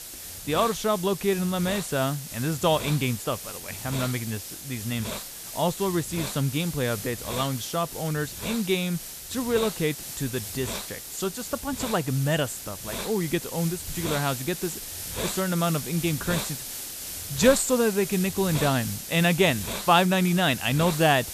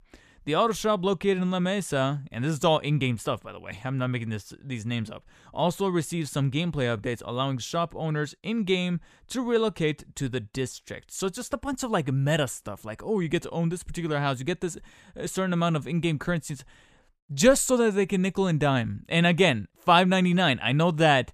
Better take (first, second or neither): second